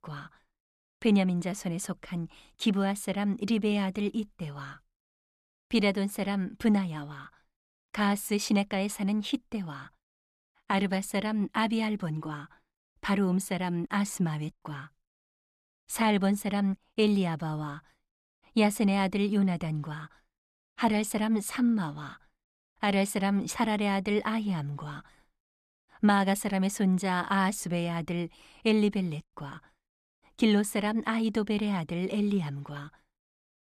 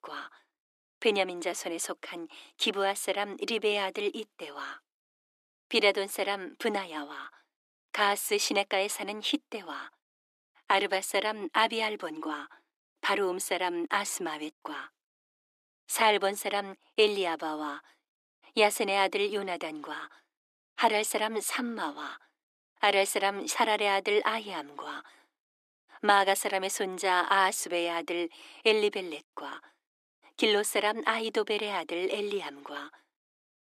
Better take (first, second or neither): first